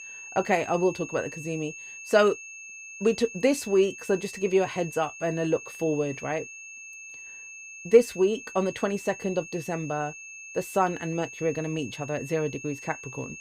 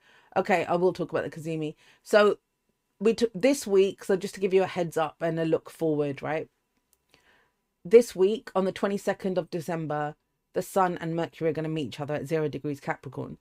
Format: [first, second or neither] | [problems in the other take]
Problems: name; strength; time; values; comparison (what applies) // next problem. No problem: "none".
second | high-pitched whine; noticeable; throughout; 2.5 kHz, 15 dB below the speech